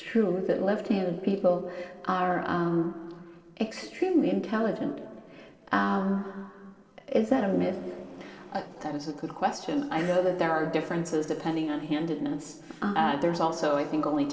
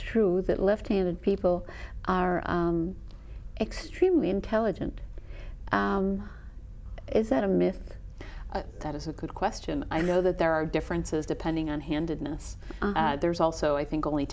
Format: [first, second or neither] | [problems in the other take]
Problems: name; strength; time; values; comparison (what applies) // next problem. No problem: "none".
second | noise reduction (neural separator model SepFormer DNS4)